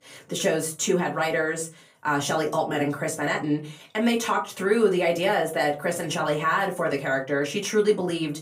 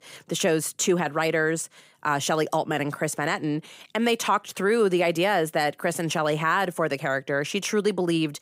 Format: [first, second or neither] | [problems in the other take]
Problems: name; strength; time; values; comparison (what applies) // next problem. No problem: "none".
second | off-mic speech; far // room echo; very slight; dies away in 0.3 s